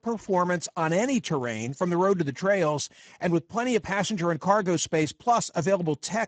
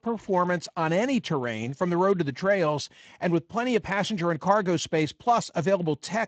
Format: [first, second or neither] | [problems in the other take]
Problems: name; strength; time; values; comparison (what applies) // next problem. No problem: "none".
second | garbled, watery; badly; nothing above 7.5 kHz; slightly in the second